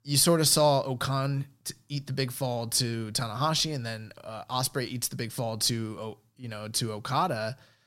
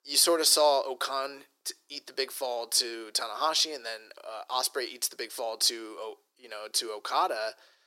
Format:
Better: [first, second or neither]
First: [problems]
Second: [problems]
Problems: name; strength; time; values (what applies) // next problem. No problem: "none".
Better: first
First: none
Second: thin; very; fading below 350 Hz